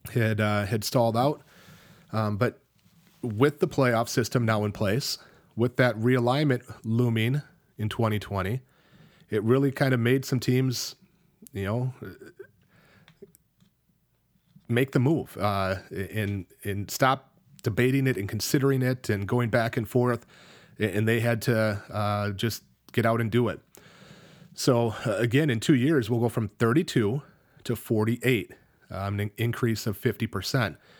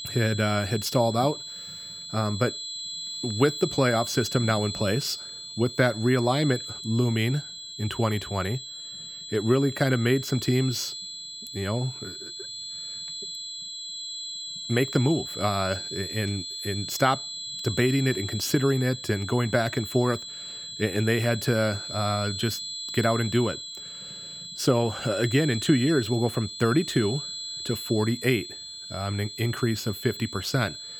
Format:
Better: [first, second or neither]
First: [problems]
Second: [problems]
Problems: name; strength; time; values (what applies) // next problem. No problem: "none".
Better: first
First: none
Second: high-pitched whine; loud; throughout; 4 kHz, 8 dB below the speech